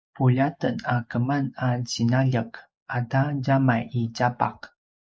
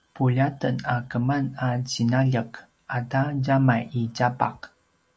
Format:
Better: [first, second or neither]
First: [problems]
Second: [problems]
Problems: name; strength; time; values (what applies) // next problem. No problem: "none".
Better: second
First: noise reduction (neural mask model Resemble Enhance denoiser)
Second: none